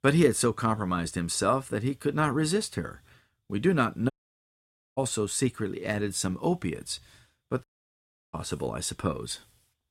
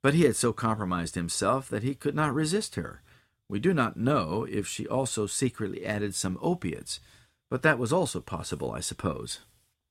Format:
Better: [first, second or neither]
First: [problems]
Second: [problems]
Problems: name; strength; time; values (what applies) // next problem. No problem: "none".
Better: second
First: audio cutting out; at 4 s for 1 s and at 7.5 s for 0.5 s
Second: none